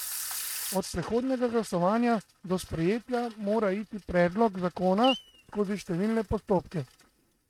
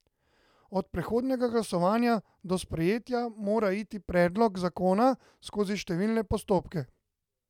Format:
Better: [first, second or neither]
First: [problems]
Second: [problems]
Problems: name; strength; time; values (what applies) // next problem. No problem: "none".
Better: second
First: noise reduction (neural mask model RNNoise)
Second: none